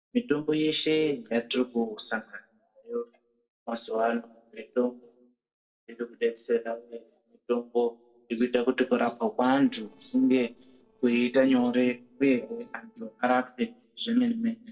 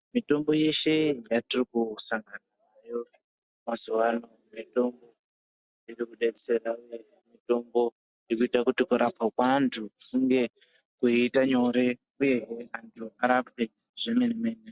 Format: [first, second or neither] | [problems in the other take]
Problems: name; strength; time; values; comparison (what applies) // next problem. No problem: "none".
second | noise reduction (neural separator model SepFormer DNS4)